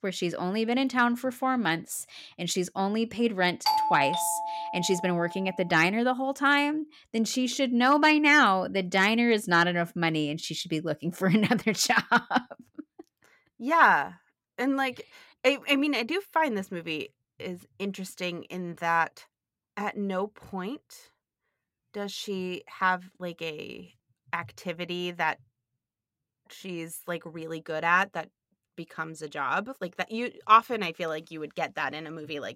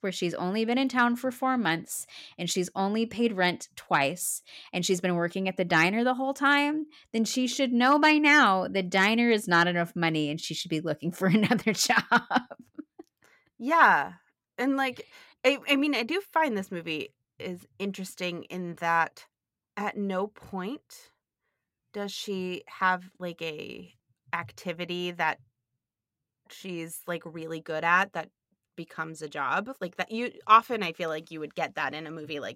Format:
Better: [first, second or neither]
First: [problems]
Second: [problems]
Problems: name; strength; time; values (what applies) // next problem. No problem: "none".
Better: second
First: doorbell; loud; from 3.5 to 5.5 s; peak 2 dB above the speech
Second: none